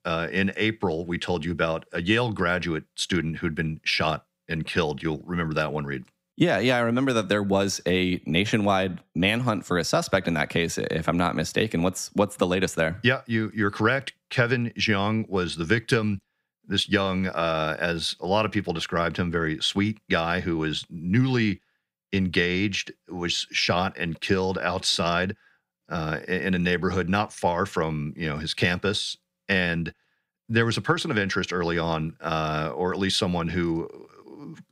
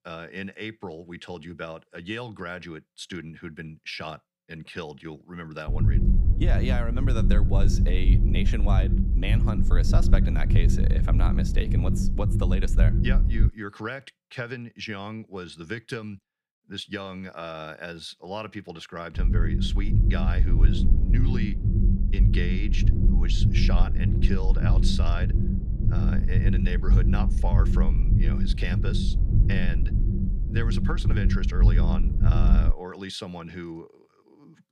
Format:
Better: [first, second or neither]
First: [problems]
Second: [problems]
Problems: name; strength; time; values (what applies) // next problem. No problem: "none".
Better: first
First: none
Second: low rumble; loud; from 5.5 to 13 s and from 19 to 33 s; 2 dB below the speech